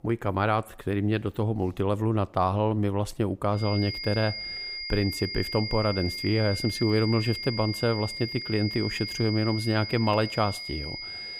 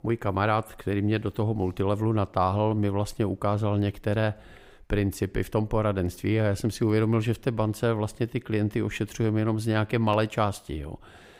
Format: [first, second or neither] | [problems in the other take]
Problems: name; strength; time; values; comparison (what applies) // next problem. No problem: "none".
second | high-pitched whine; loud; from 3.5 s on; 5 kHz, 6 dB below the speech